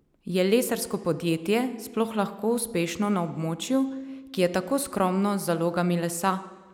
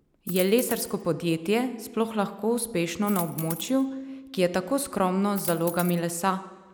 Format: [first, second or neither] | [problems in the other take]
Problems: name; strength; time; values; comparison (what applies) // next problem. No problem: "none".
first | background sound (Coin (dropping)); 11 dB below the speech